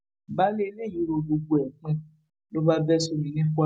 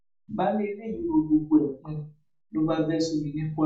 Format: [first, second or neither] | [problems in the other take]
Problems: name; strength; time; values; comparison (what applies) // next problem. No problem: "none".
first | room echo; dies away in 0.3 s